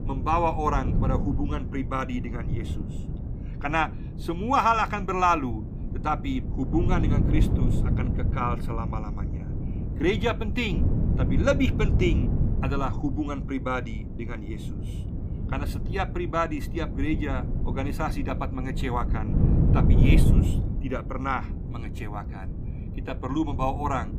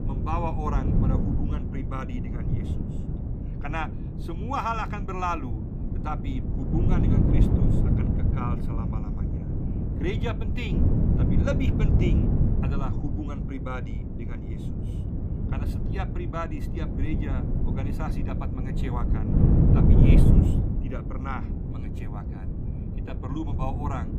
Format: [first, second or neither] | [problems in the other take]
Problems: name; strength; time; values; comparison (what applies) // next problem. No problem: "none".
first | wind noise on the microphone; heavy; 2 dB below the speech; occasional gusts in the first